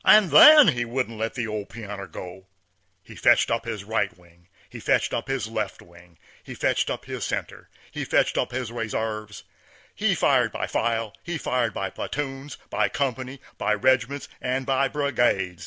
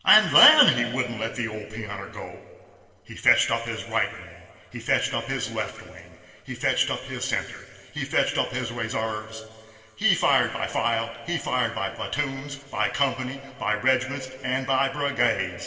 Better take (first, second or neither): first